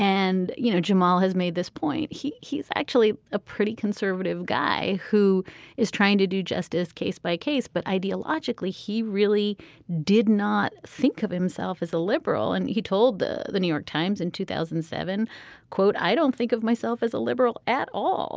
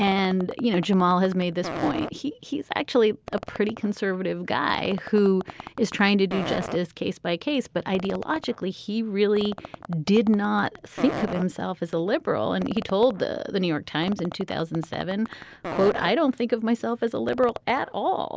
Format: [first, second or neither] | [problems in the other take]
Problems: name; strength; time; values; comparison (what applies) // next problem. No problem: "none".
first | background sound (Fart); 14 dB below the speech